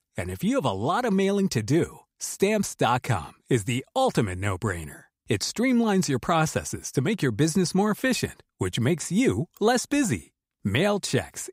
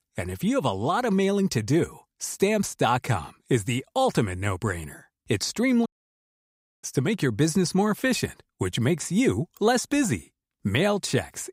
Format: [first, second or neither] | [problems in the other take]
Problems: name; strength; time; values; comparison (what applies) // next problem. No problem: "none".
first | audio cutting out; at 6 s for 1 s